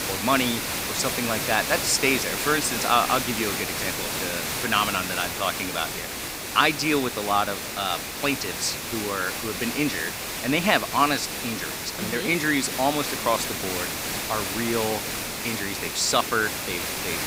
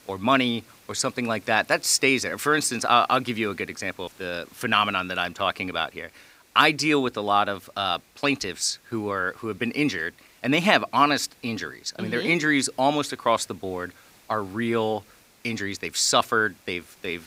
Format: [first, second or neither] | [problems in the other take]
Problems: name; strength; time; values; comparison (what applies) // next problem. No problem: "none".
second | hiss; loud; throughout; 3 dB below the speech; faint in the second